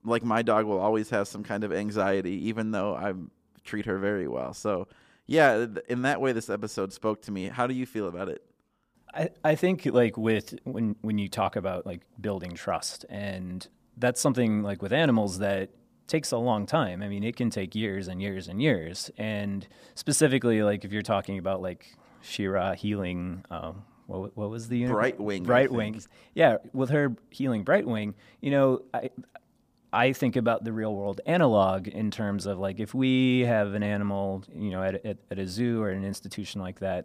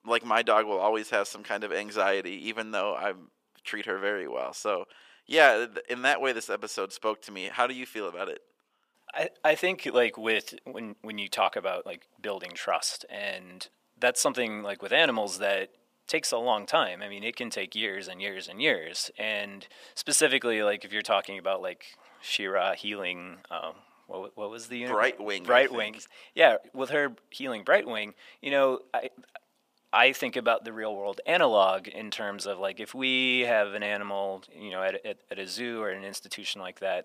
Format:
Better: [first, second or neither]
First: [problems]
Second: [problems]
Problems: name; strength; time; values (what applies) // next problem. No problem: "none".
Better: first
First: none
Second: thin; somewhat; fading below 550 Hz